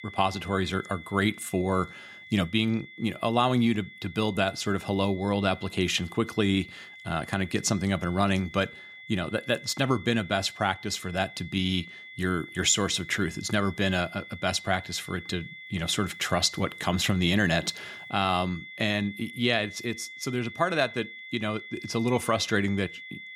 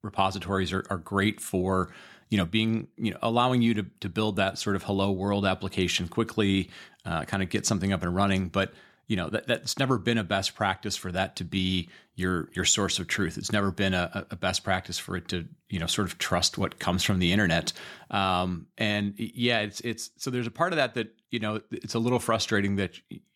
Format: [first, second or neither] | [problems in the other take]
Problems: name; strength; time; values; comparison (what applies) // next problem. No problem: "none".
second | high-pitched whine; noticeable; throughout; 2 kHz, 15 dB below the speech